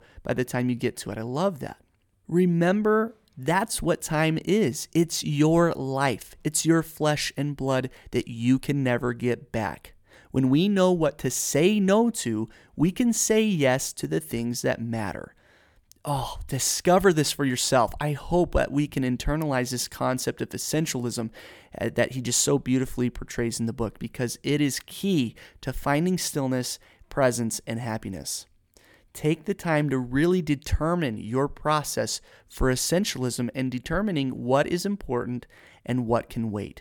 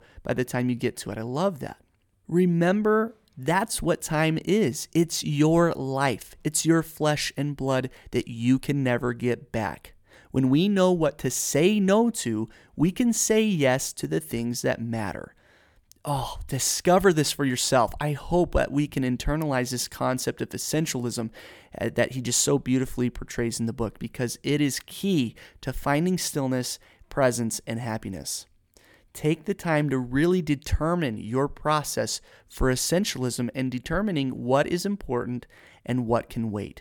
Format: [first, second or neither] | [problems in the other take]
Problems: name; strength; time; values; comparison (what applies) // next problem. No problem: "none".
neither | none